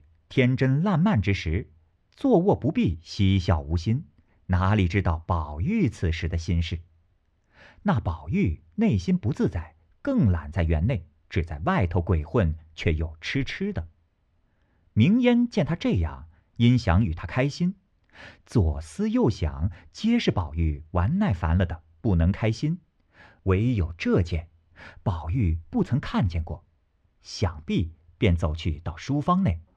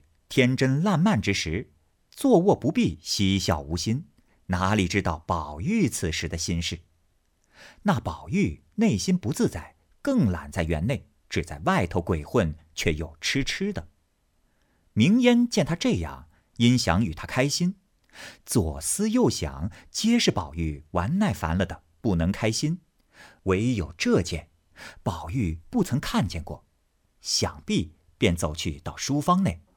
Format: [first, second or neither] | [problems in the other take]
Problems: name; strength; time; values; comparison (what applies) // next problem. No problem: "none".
second | muffled; slightly; fading above 3 kHz